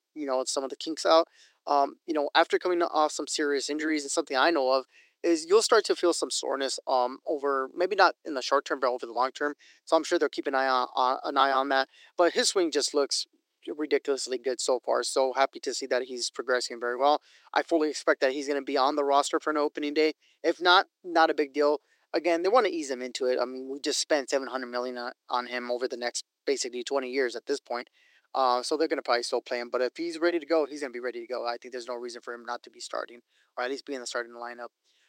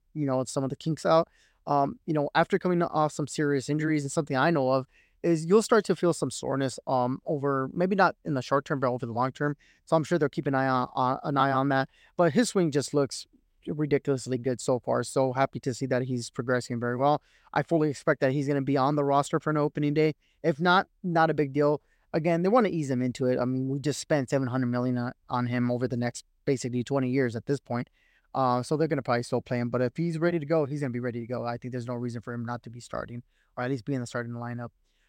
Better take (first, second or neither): second